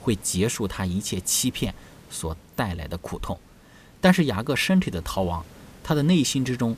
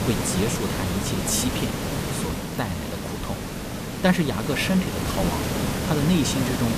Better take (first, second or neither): first